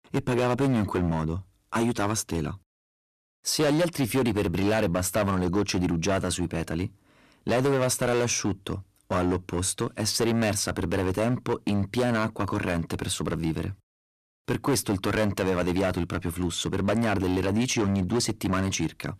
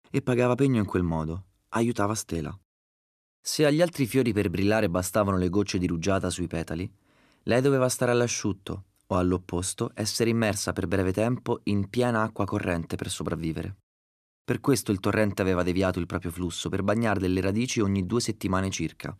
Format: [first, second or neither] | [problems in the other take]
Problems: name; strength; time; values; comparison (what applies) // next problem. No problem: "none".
second | distortion; heavy; 11% of the sound clipped